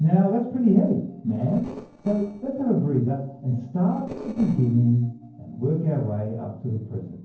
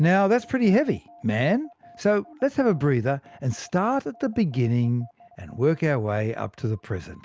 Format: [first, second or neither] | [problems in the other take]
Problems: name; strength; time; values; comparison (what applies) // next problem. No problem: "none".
second | noise reduction (neural separator model SepFormer DNS4)